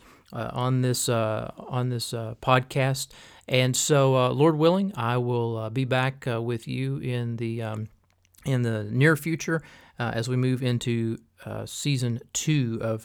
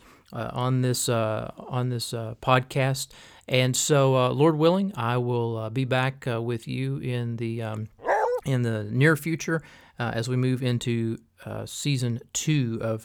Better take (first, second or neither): first